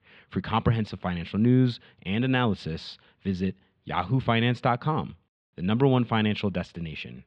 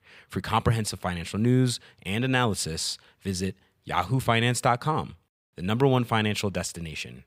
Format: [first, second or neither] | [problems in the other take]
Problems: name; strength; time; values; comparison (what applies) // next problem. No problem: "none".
second | muffled; slightly; fading above 3.5 kHz